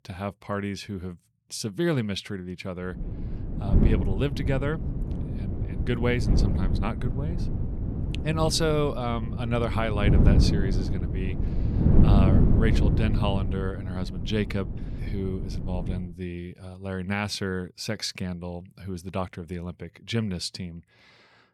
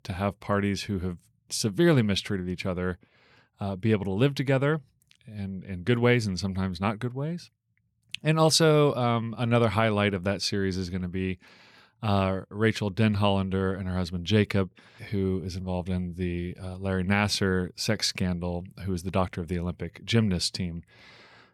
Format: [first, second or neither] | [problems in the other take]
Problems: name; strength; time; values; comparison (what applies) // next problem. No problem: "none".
second | wind noise on the microphone; heavy; from 3 to 16 s; 4 dB below the speech